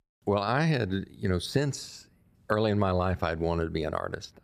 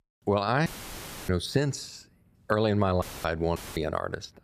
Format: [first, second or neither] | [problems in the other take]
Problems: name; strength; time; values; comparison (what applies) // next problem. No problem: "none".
first | audio cutting out; filled with static; at 0.5 s for 0.5 s, at 3 s and at 3.5 s